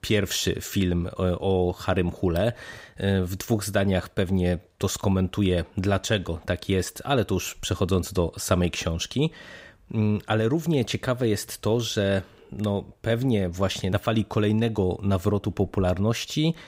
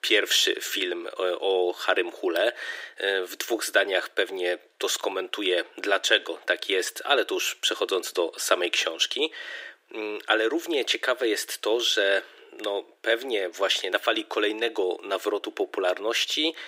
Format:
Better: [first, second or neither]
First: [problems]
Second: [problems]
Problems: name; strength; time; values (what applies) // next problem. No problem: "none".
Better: first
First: none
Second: thin; very; fading below 350 Hz